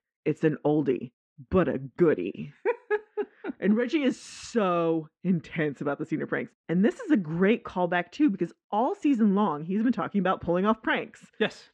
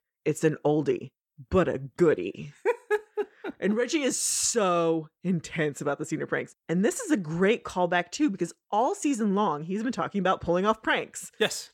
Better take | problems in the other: second | muffled; very; fading above 2.5 kHz

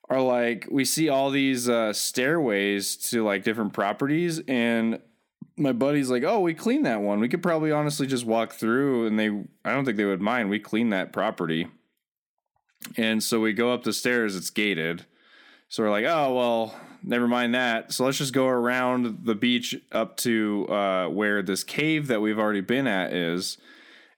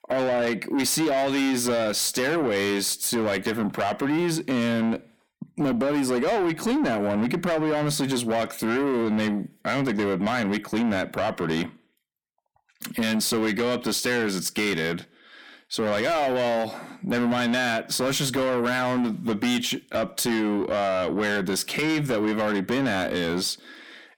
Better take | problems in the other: first | distortion; heavy; 7 dB below the speech

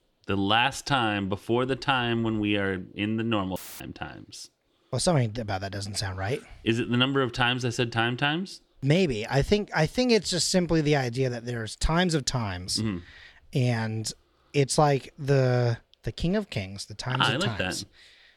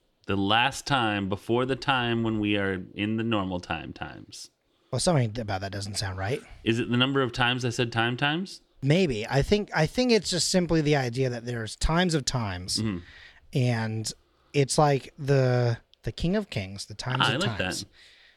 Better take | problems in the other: second | audio cutting out; filled with static; at 3.5 s

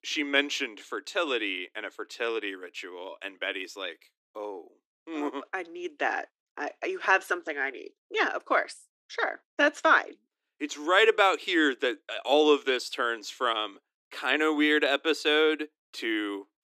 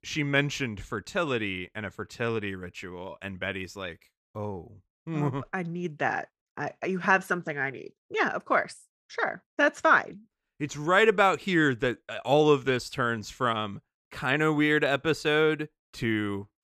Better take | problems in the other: second | thin; very slightly; fading below 300 Hz

